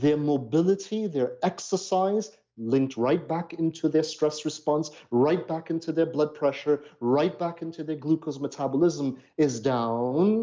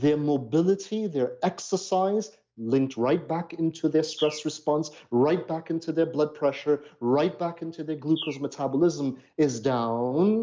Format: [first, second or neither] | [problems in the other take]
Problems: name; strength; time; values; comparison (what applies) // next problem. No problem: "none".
first | background sound (Bird); 19 dB below the speech